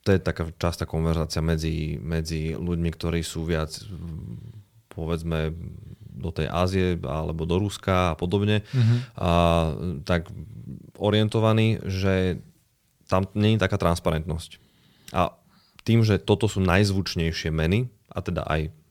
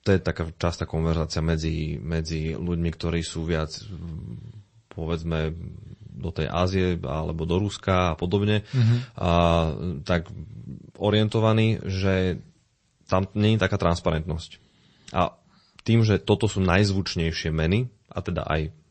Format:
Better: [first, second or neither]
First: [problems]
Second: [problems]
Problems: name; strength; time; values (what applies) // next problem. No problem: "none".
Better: first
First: none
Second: garbled, watery; slightly; nothing above 8 kHz